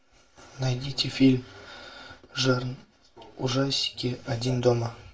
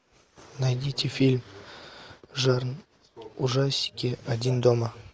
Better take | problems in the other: second | room echo; dies away in 0.3 s

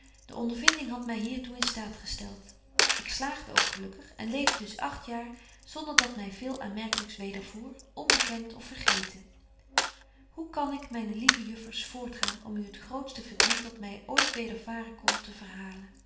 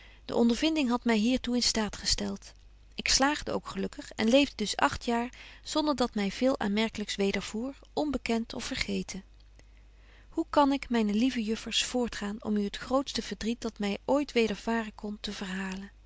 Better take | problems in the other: second | background sound (Coin (dropping)); 5 dB above the speech // room echo; dies away in 0.7 s

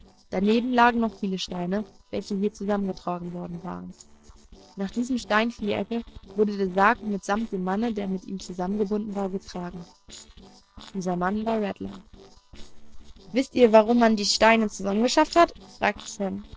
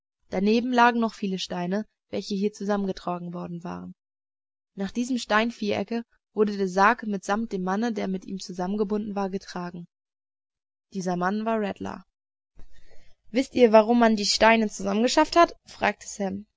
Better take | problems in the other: second | noise reduction (neural separator model SepFormer DNS4)

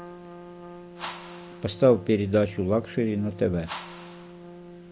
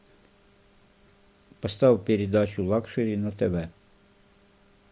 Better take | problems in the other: second | background sound (Whoosh, swoosh, swish + Trumpet); 15 dB below the speech

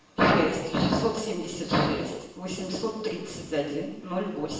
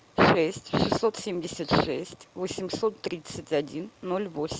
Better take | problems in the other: second | room echo; dies away in 1 s

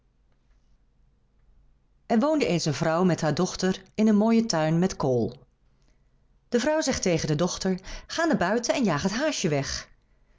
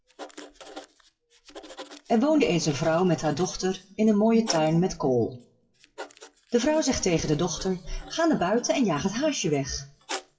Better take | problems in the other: first | noise reduction (classical method WPE with log-MMSE)

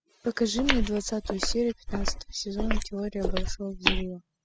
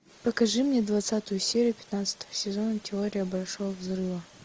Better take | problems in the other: second | noise reduction (classical method spectral subtraction)

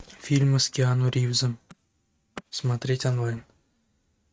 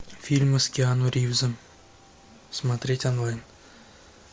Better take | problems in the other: second | noise reduction (neural mask model RNNoise)

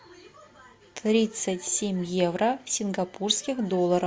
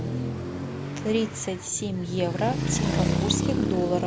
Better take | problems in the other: first | background sound (Traffic noise, roadway noise); 1 dB above the speech

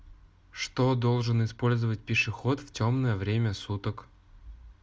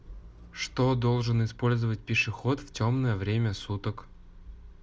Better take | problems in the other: first | background sound (Idling / Engine starting / Motor vehicle (road)); 20 dB below the speech

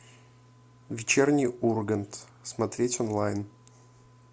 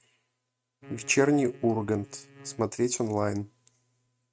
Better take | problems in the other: first | noise reduction (neural mask model RNNoise)

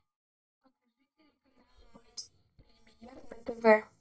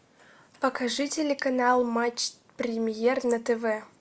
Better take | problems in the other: second | noise reduction (neural mask model DeepFilterNet 3)

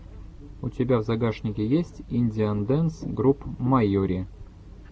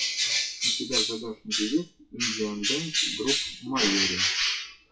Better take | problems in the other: first | noise reduction (classical method WPE with log-MMSE)

